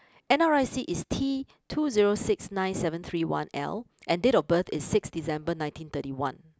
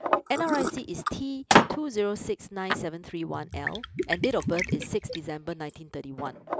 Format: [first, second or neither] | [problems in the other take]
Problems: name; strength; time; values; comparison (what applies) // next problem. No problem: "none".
first | background sound (Liquid); 2 dB above the speech